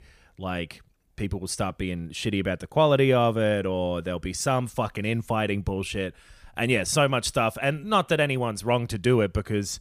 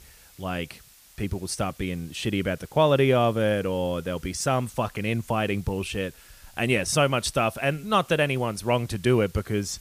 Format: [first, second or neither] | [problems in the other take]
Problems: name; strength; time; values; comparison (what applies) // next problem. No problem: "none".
first | hiss; faint; throughout; 25 dB below the speech